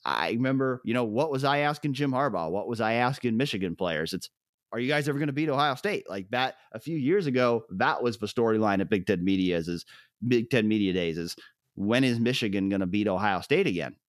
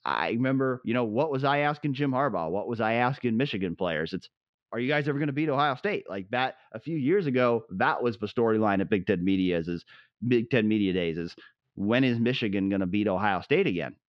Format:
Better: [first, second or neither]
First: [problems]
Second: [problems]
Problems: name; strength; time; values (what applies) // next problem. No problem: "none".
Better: first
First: none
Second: muffled; slightly; fading above 3.5 kHz